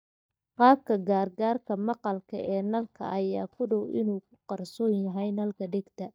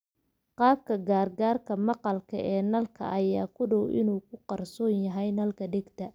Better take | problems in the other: second | noise reduction (neural mask model DeepFilterNet 3)

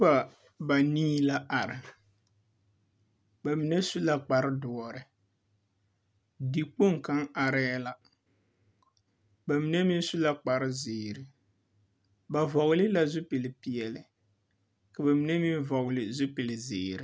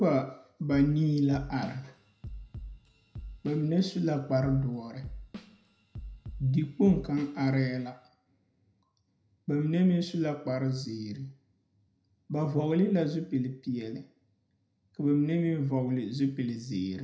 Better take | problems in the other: first | background sound (Drum kit); 15 dB below the speech // room echo; dies away in 0.5 s

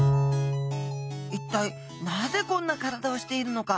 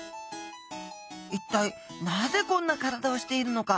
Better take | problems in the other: second | background sound (Bowed string instrument); as loud as the speech

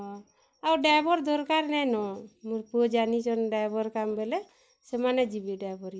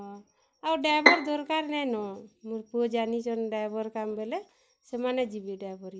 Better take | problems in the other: first | background sound (Bowed string instrument); 4 dB above the speech

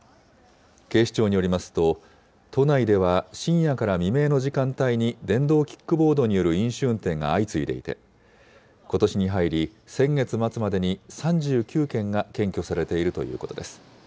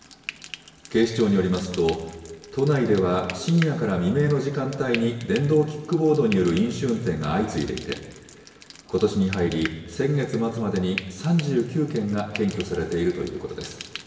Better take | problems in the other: first | background sound (Frying (food)); 17 dB below the speech // room echo; dies away in 1.4 s

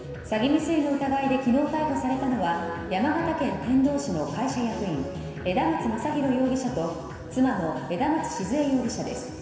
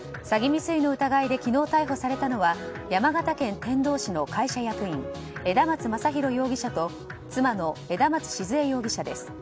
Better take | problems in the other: second | room echo; dies away in 2.2 s

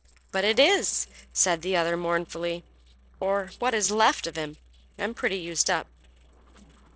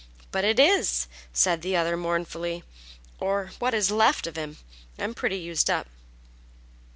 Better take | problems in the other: second | noise reduction (neural separator model SepFormer DNS4)

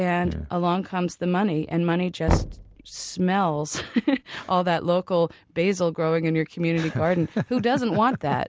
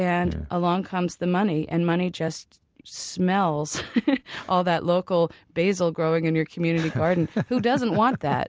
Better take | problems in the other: second | background sound (Knock); 9 dB below the speech

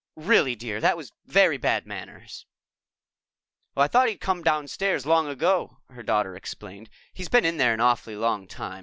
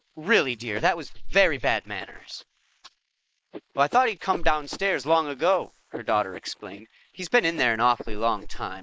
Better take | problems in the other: first | noise reduction (neural mask model Resemble Enhance denoiser)

